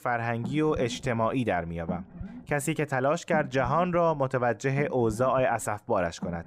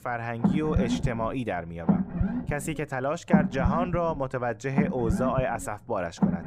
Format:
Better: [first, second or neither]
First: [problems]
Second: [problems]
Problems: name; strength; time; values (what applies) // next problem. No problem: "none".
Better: first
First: low rumble; faint; throughout; 20 dB below the speech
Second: low rumble; loud; throughout; 5 dB below the speech